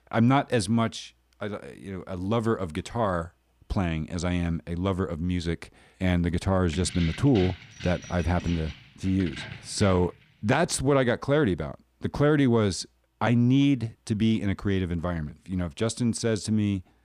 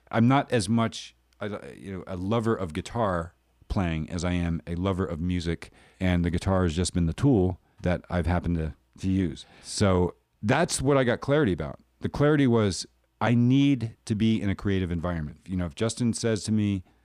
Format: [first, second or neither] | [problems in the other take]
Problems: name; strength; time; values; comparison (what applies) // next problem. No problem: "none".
second | jangling keys; faint; from 6.5 to 10 s; peak 10 dB below the speech